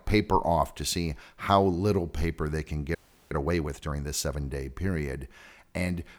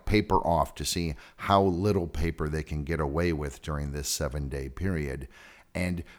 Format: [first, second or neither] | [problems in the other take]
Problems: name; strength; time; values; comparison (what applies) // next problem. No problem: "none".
second | audio freezing; at 3 s